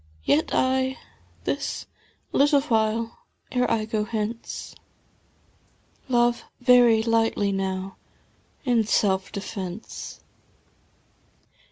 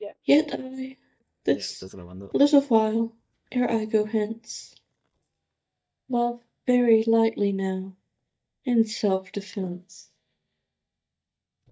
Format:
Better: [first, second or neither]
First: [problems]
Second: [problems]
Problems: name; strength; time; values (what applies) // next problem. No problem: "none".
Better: first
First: none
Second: noise reduction (neural mask model DeepFilterNet 3)